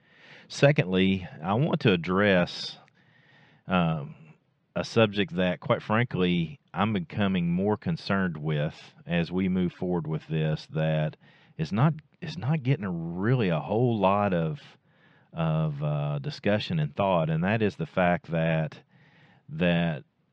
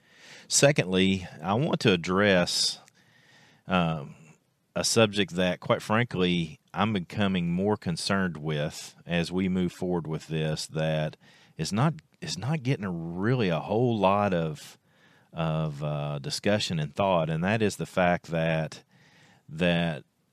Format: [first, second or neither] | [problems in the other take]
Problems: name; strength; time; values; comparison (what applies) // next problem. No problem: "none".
second | muffled; slightly; fading above 3.5 kHz